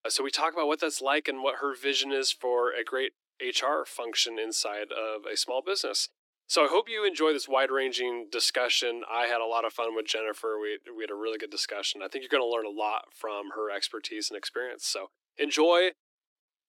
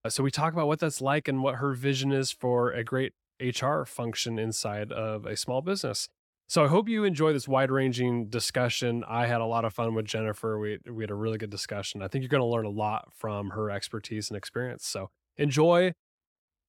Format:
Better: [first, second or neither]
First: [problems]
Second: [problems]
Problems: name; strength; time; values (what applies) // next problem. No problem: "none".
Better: second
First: thin; very; fading below 300 Hz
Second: none